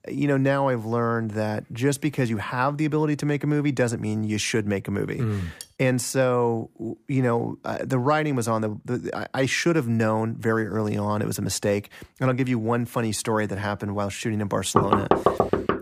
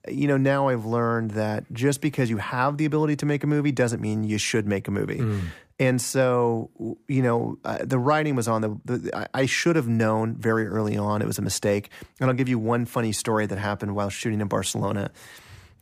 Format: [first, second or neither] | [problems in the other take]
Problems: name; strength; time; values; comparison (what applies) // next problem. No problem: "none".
second | clattering dishes; faint; at 5.5 s; peak 20 dB below the speech // door banging; loud; from 15 s on; peak 4 dB above the speech